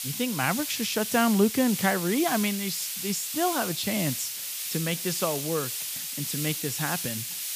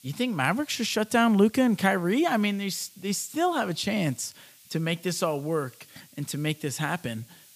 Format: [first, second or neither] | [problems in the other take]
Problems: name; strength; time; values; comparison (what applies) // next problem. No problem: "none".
second | hiss; loud; throughout; 3 dB below the speech; faint in the second